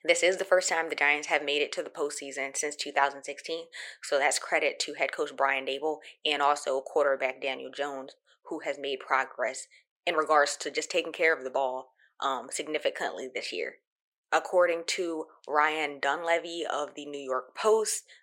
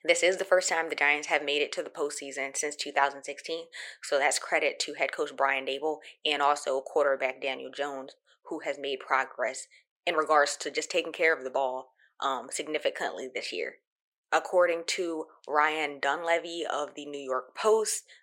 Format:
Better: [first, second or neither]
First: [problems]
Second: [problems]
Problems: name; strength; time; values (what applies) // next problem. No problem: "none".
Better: neither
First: thin; somewhat; fading below 400 Hz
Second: thin; somewhat; fading below 400 Hz